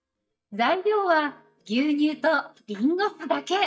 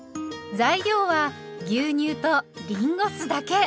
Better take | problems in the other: second | noise reduction (neural mask model DeepFilterNet 3)

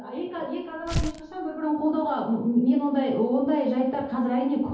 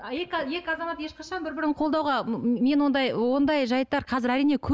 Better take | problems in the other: second | background sound (Tearing); 9 dB below the speech // room echo; dies away in 0.8 s

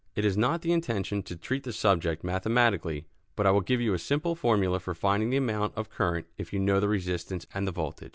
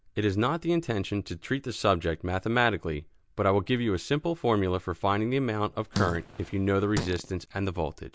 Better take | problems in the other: first | background sound (Fart); 8 dB below the speech

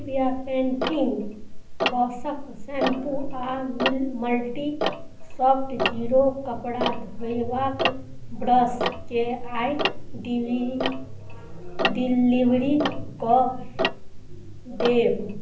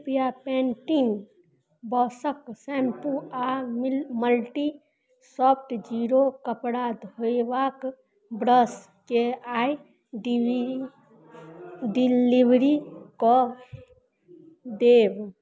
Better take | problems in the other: second | background sound (Tick-tock); 4 dB below the speech // room echo; dies away in 0.6 s

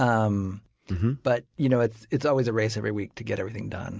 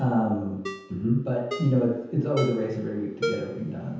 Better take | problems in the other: first | background sound (Ringtone); 10 dB below the speech // room echo; dies away in 0.9 s

